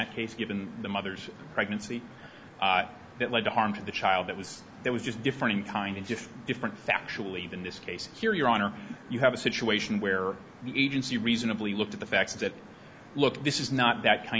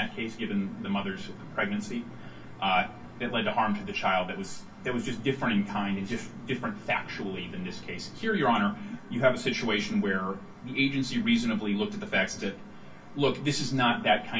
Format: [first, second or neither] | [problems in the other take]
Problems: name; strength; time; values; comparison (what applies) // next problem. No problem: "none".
first | background sound (Engine); 19 dB below the speech // room echo; dies away in 0.1 s